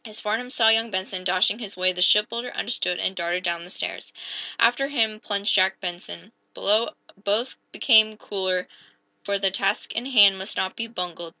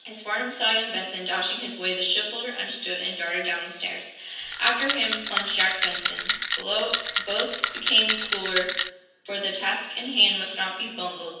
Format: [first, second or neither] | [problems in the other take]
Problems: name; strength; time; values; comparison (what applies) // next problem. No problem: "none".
first | background sound (Rattle); 1 dB below the speech // room echo; dies away in 0.9 s